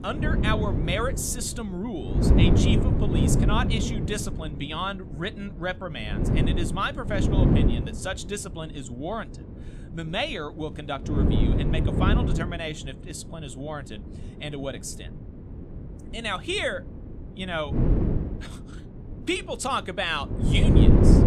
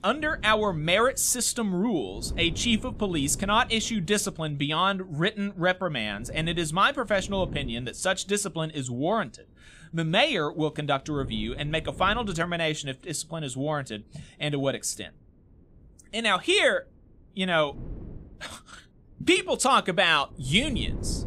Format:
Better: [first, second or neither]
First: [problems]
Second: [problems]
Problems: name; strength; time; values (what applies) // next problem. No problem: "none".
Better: second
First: wind noise on the microphone; heavy; 1 dB below the speech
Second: wind noise on the microphone; occasional gusts; 25 dB below the speech